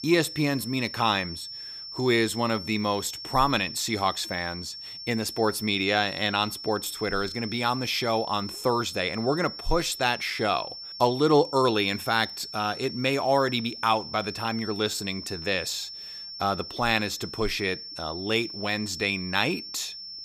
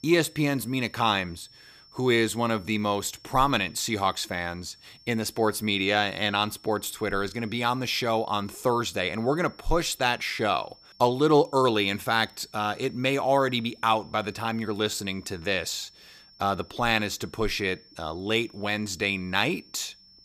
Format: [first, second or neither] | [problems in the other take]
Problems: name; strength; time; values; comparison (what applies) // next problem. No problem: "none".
second | high-pitched whine; loud; throughout; 5.5 kHz, 10 dB below the speech; faint in the second